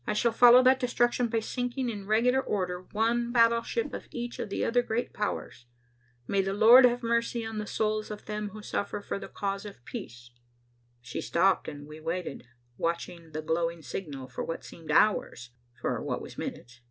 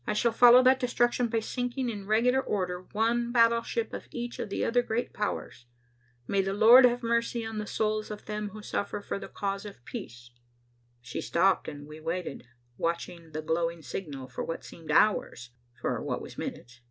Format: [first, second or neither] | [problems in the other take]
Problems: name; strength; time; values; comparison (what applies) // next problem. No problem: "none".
second | background sound (Whoosh, swoosh, swish); 19 dB below the speech